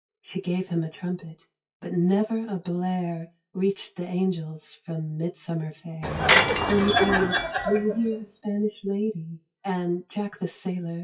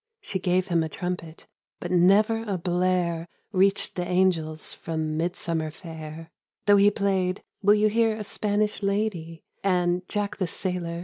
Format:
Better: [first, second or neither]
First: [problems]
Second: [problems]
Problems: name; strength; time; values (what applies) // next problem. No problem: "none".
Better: second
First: noise reduction (classical method WPE with log-MMSE)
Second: none